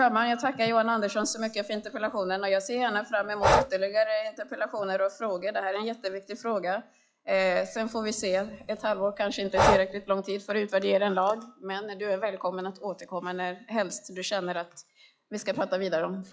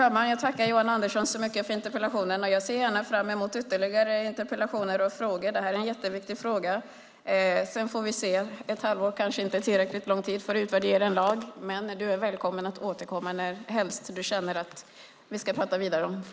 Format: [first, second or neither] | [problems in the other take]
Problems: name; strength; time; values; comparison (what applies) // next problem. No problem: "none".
second | noise reduction (classical method log-MMSE)